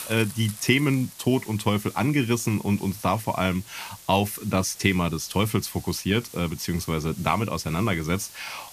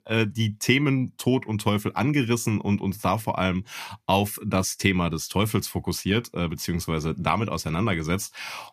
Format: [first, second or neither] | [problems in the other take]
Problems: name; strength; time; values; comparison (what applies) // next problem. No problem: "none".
second | hiss; noticeable; throughout; 15 dB below the speech